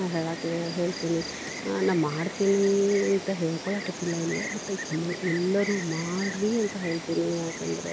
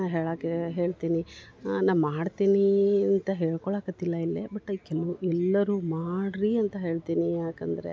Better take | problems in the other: second | background sound (Insect); 9 dB below the speech

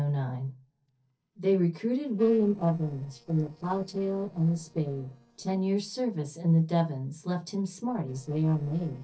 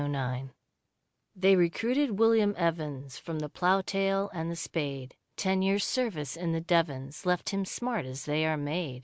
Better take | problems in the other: second | noise reduction (neural separator model SepFormer DNS4)

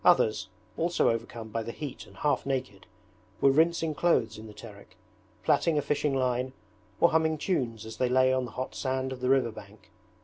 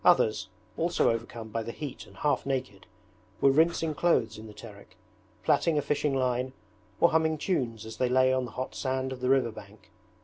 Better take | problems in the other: first | background sound (Breathing); 16 dB below the speech

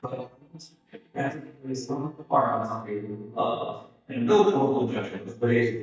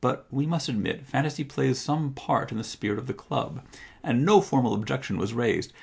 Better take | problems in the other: second | noise reduction (neural mask model DeepFilterNet 3)

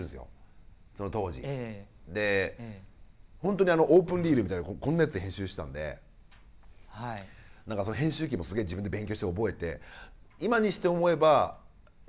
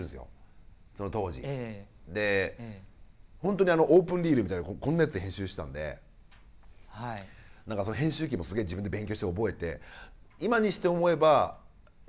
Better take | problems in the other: second | background sound (Bowed string instrument); 19 dB below the speech

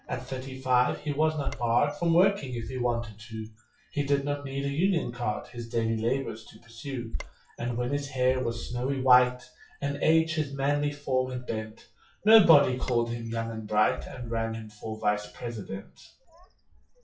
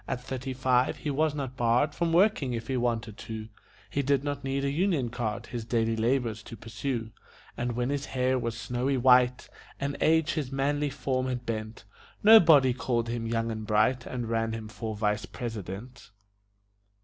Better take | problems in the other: second | noise reduction (classical method WPE with log-MMSE)

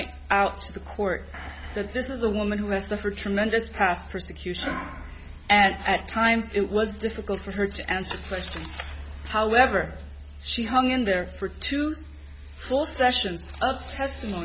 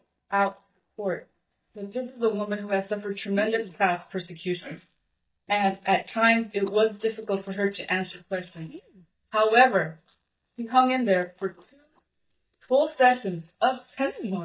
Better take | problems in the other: first | noise reduction (neural mask model DeepFilterNet 3)

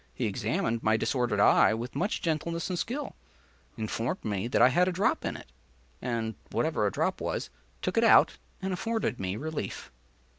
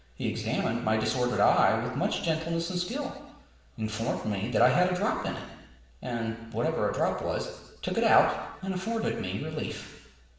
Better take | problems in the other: first | room echo; dies away in 1 s

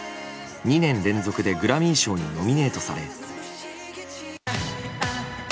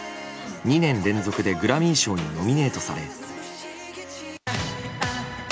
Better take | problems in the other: first | background sound (Scratching (performance technique) + Clapping); 17 dB below the speech

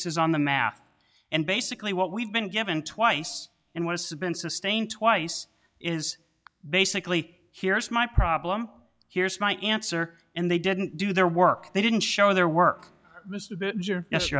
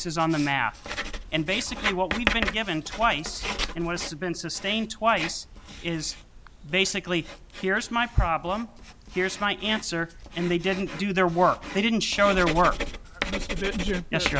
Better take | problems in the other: first | background sound (Writing); 8 dB below the speech

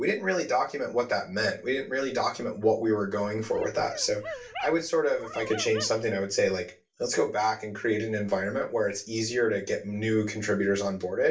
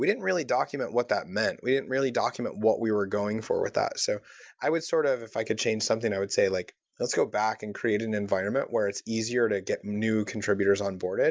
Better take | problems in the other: second | background sound (Dog); 13 dB below the speech // room echo; dies away in 0.2 s

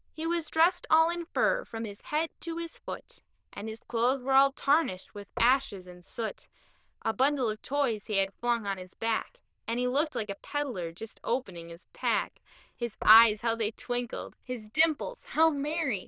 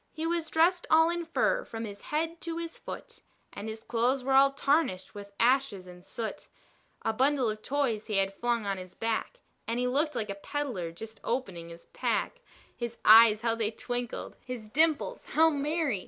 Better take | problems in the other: second | noise reduction (neural diffusion model UNIVERSE++)

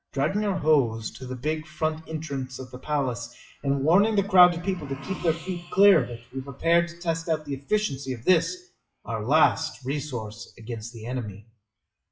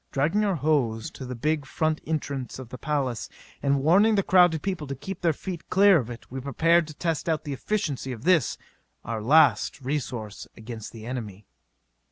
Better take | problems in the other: second | noise reduction (classical method WPE with log-MMSE)

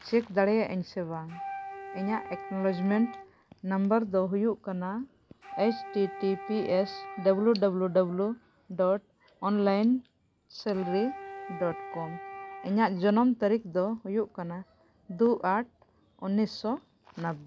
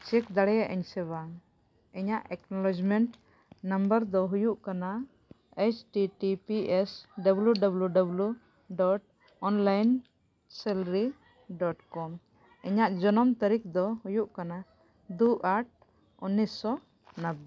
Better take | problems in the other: second | background sound (Wind instrument, woodwind instrument); 13 dB below the speech

